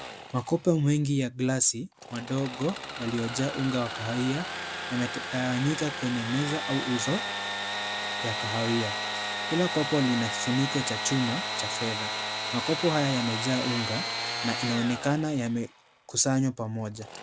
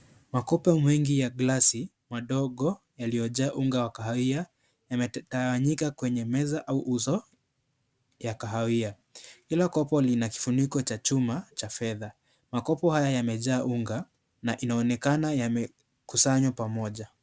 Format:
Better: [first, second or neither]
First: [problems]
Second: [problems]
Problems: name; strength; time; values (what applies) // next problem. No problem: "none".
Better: second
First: background sound (Sawing / Engine); 5 dB below the speech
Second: none